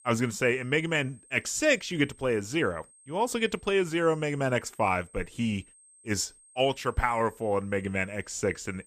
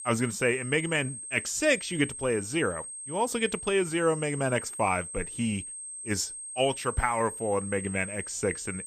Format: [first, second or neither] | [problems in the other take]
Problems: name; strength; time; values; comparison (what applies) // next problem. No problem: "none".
first | high-pitched whine; loud; throughout; 8.5 kHz, 8 dB below the speech; faint in the first